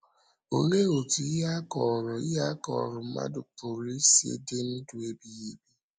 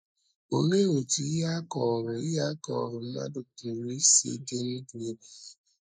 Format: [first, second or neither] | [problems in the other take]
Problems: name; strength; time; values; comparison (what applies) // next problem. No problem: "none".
first | noise reduction (neural mask model Resemble Enhance denoiser)